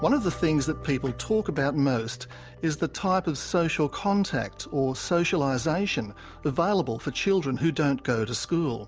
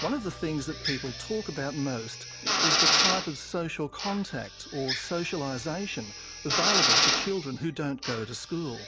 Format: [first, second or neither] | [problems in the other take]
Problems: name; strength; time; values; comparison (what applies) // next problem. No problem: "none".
first | background sound (Drill); 3 dB above the speech